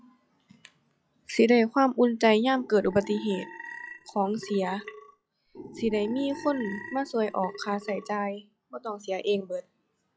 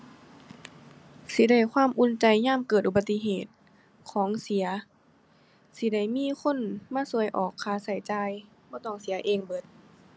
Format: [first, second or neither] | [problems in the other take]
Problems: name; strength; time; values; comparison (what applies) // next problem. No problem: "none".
second | noise reduction (classical method log-MMSE)